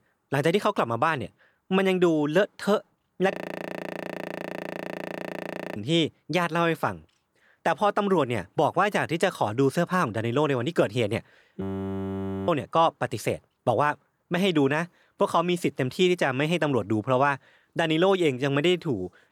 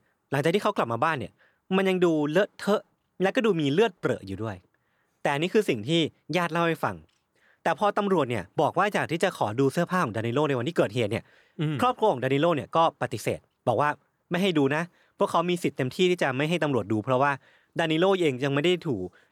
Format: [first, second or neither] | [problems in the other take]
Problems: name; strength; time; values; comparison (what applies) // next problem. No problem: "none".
second | audio freezing; at 3.5 s for 2.5 s and at 12 s for 1 s